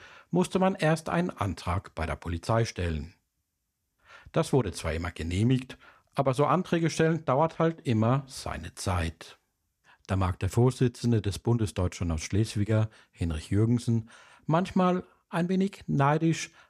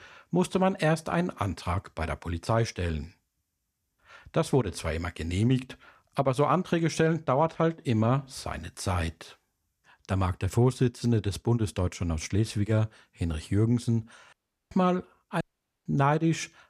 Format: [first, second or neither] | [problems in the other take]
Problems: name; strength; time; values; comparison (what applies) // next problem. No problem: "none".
first | audio cutting out; at 14 s and at 15 s